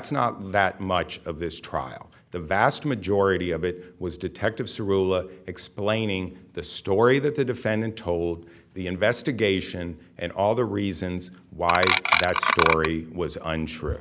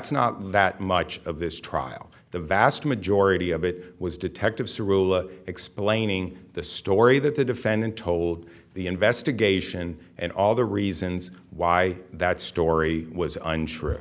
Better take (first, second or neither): second